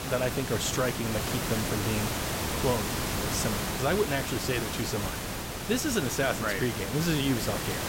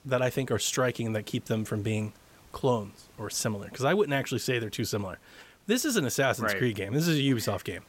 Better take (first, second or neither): second